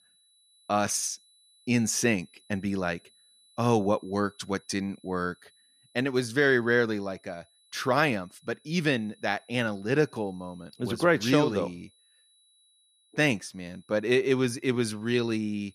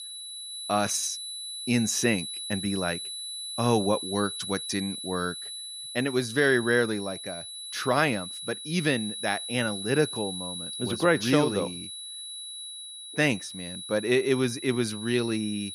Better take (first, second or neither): first